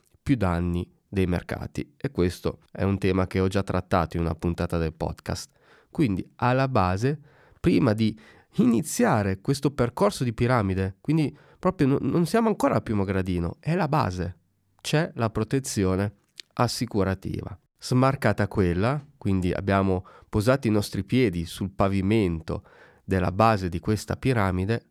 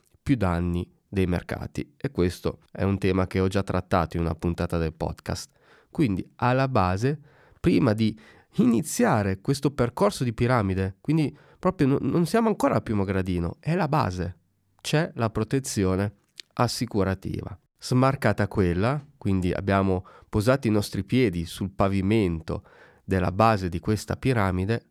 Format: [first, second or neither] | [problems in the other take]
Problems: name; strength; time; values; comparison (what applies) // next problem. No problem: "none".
neither | none